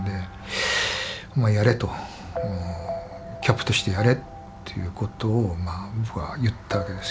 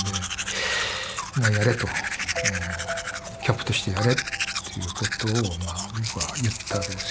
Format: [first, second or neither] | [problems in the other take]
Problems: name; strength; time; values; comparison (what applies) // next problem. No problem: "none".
first | background sound (Domestic sounds, home sounds); 4 dB below the speech